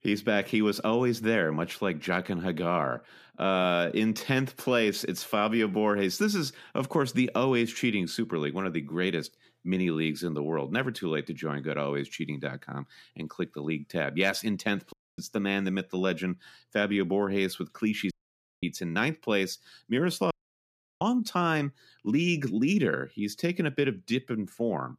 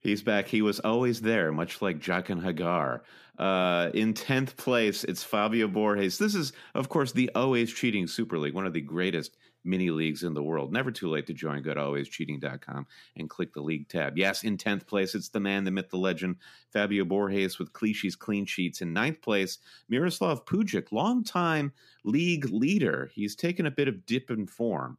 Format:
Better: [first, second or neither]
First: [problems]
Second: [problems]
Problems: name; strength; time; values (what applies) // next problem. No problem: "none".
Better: second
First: audio cutting out; at 15 s, at 18 s for 0.5 s and at 20 s for 0.5 s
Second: none